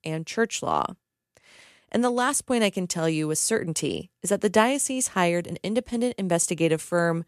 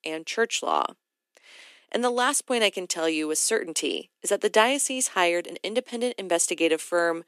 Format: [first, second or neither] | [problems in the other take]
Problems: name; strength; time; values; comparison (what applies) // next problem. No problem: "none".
first | thin; somewhat; fading below 250 Hz